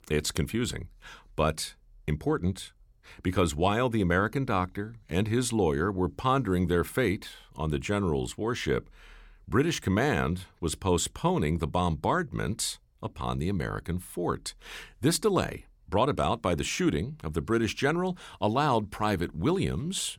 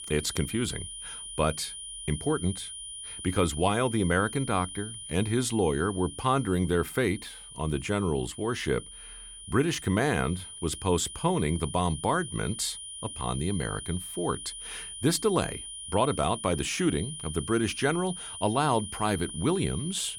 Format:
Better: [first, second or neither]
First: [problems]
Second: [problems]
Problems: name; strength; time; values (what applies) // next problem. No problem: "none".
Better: first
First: none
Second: high-pitched whine; loud; throughout; 9.5 kHz, 10 dB below the speech